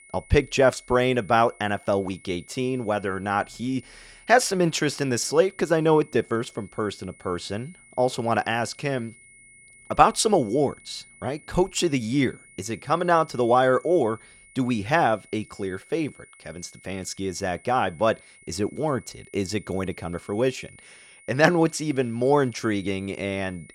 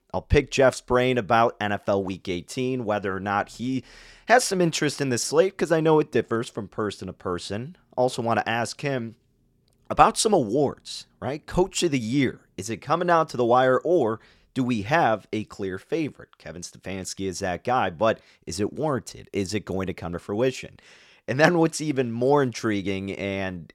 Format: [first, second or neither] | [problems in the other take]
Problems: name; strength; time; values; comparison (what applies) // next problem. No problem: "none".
second | high-pitched whine; faint; throughout; 2 kHz, 25 dB below the speech